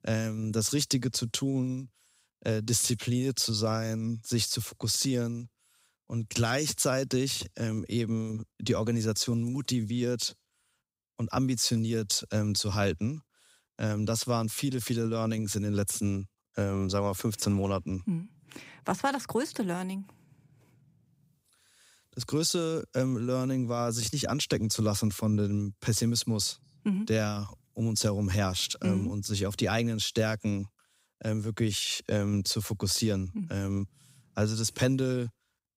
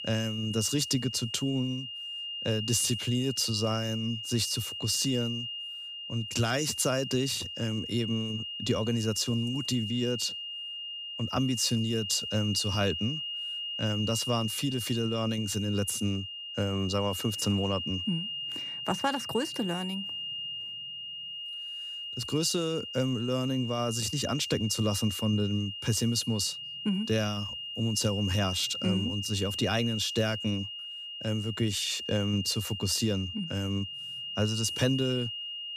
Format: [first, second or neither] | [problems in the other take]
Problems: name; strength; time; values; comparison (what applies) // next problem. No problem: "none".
first | high-pitched whine; loud; throughout; 3 kHz, 5 dB below the speech